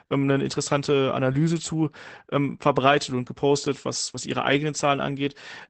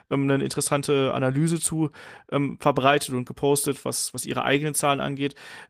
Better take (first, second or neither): second